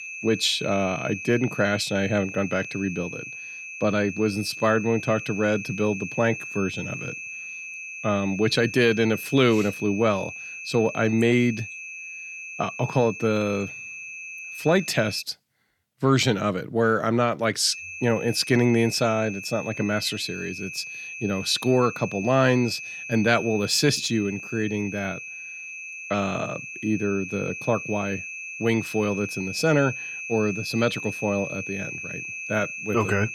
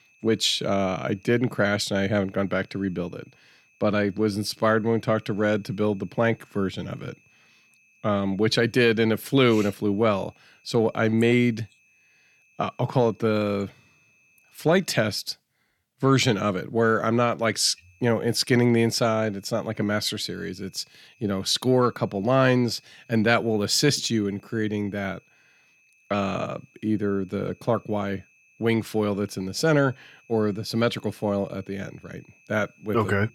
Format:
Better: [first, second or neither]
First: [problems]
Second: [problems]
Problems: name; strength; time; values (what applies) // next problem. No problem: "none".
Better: second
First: high-pitched whine; loud; until 15 s and from 18 s on; 2.5 kHz, 9 dB below the speech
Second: high-pitched whine; faint; until 15 s and from 18 s on; 2.5 kHz, 35 dB below the speech